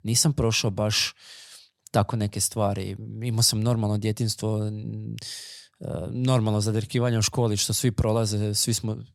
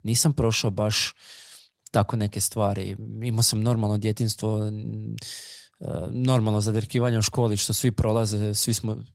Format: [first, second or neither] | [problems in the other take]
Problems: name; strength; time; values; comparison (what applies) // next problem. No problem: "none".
first | garbled, watery; slightly; nothing above 16.5 kHz